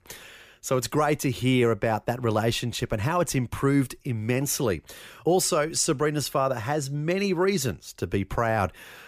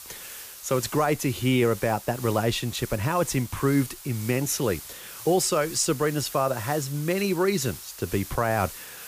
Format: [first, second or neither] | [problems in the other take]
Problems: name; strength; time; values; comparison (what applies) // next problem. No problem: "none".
first | hiss; noticeable; throughout; 15 dB below the speech